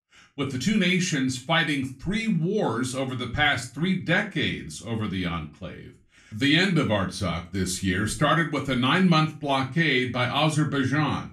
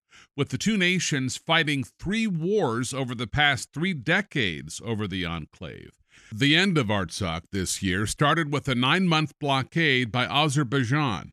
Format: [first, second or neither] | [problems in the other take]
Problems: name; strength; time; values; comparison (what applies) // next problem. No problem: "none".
second | off-mic speech; far // room echo; very slight; dies away in 0.3 s